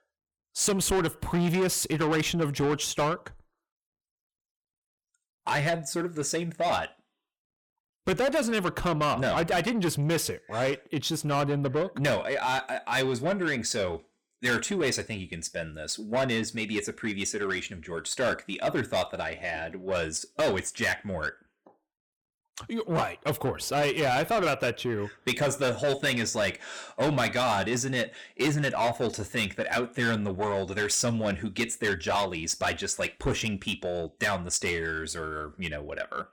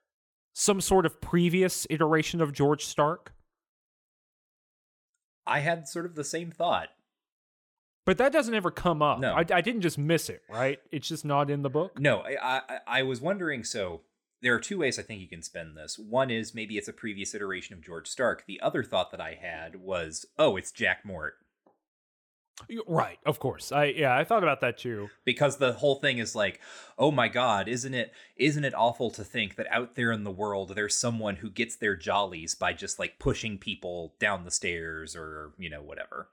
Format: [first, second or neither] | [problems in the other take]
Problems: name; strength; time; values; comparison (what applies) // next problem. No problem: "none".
second | distortion; heavy; 7 dB below the speech